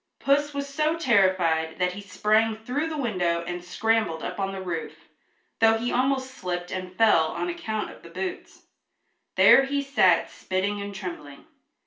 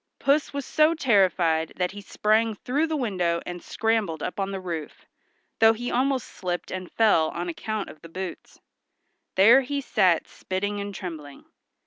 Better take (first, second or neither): second